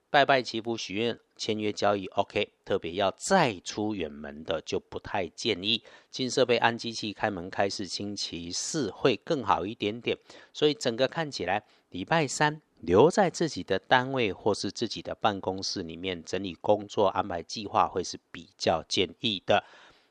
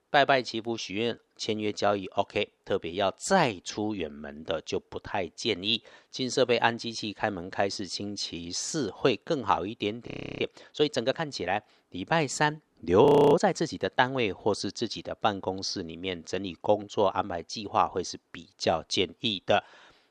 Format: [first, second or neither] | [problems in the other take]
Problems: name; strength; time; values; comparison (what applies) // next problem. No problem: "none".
first | audio freezing; at 10 s and at 13 s